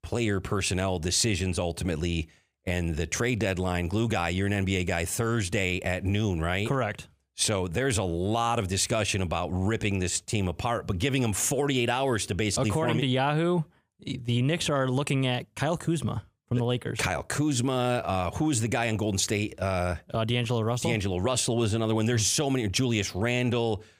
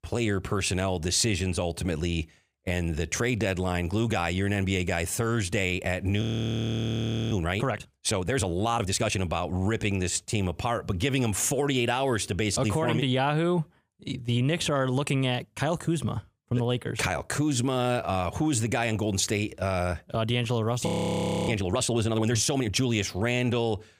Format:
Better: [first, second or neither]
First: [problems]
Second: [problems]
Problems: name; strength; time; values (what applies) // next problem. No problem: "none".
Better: first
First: none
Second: audio freezing; at 6 s for 1 s and at 21 s for 0.5 s